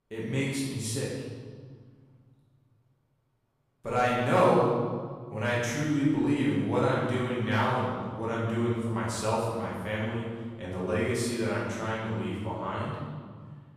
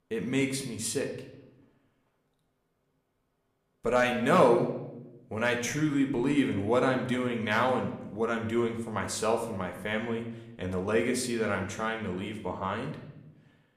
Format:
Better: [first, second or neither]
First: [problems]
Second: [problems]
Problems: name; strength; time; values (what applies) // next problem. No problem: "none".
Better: second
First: room echo; strong; dies away in 1.7 s // off-mic speech; far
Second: room echo; slight; dies away in 0.7 s